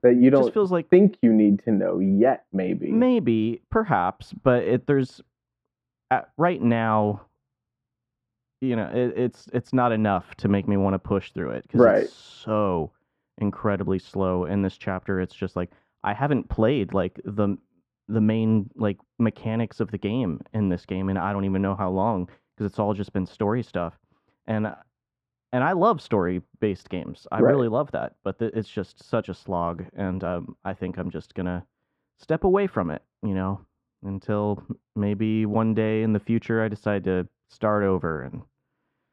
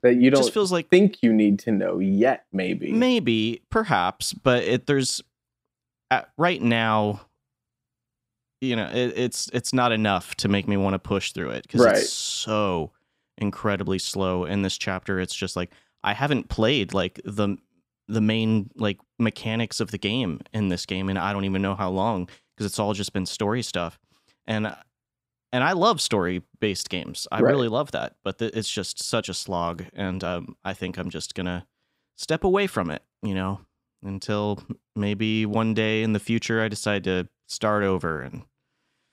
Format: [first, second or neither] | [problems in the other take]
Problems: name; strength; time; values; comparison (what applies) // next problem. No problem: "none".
second | muffled; very; fading above 3 kHz